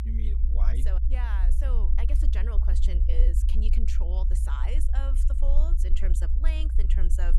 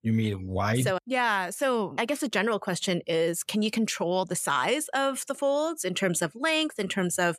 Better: second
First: low rumble; loud; throughout; 5 dB below the speech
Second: none

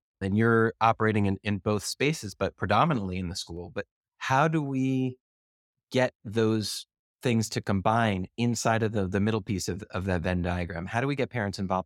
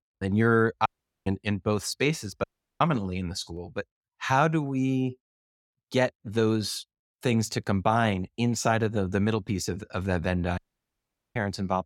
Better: first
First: none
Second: audio cutting out; at 1 s, at 2.5 s and at 11 s for 1 s

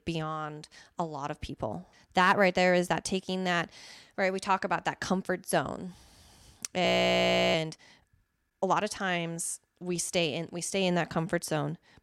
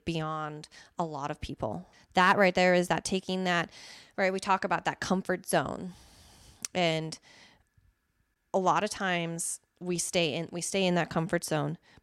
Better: second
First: audio freezing; at 7 s for 0.5 s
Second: none

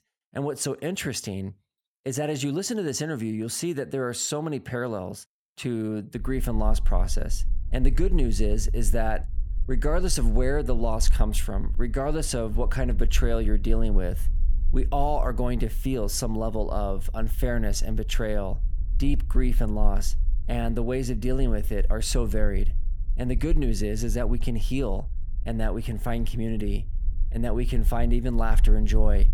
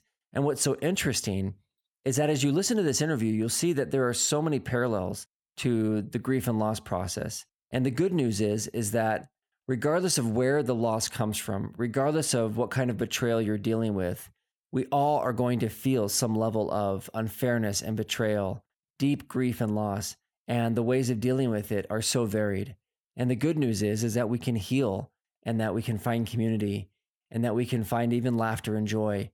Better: second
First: low rumble; faint; from 6 s on; 20 dB below the speech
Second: none

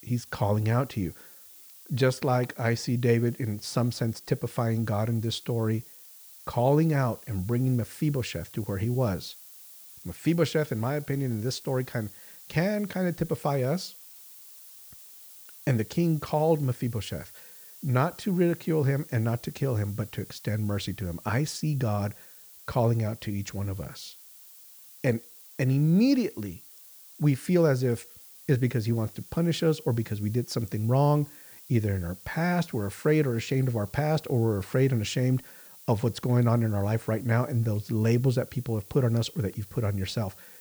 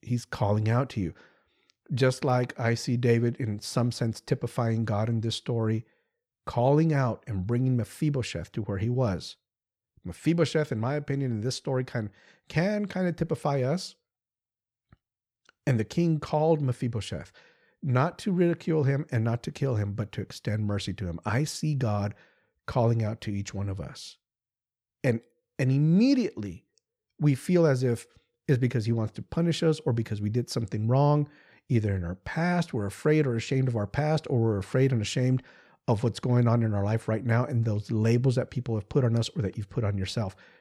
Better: second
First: hiss; noticeable; throughout; 20 dB below the speech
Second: none

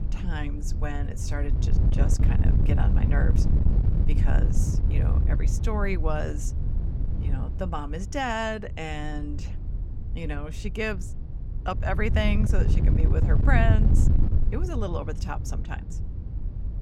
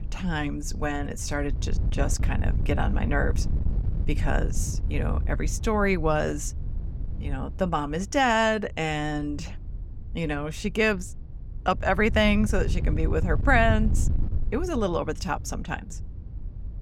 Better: second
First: wind noise on the microphone; heavy; 7 dB below the speech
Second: wind noise on the microphone; occasional gusts; 20 dB below the speech

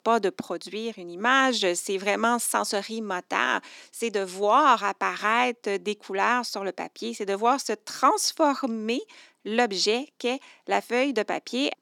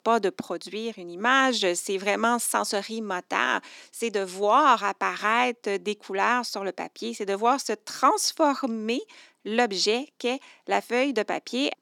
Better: neither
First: thin; very slightly; fading below 300 Hz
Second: thin; very slightly; fading below 300 Hz

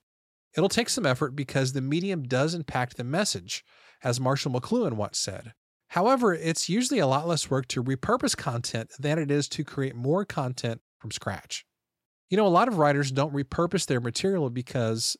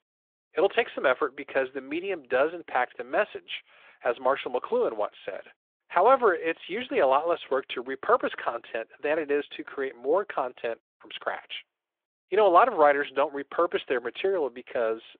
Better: first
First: none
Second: phone-call audio

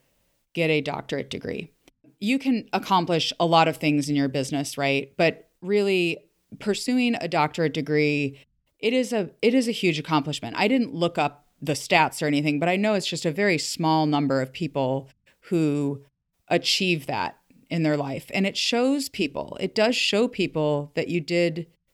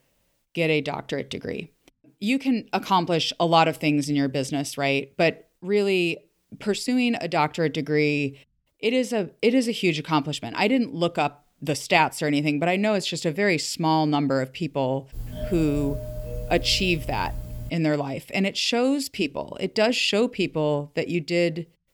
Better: first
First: none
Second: doorbell; noticeable; from 15 to 18 s; peak 10 dB below the speech

